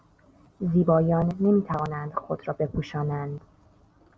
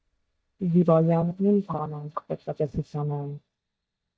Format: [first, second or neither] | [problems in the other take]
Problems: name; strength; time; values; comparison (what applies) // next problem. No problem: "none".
first | noise reduction (neural mask model DeepFilterNet 3)